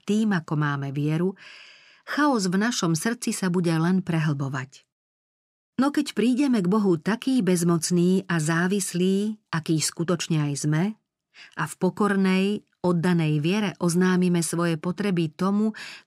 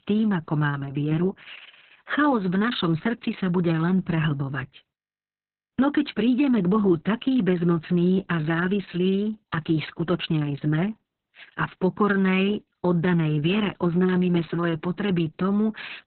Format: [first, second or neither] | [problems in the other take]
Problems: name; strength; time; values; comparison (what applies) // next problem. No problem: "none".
first | garbled, watery; badly; nothing above 4 kHz